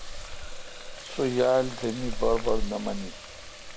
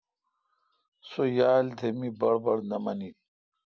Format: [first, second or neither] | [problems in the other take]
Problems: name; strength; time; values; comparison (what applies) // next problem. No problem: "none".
second | background sound (Water tap, faucet); 3 dB below the speech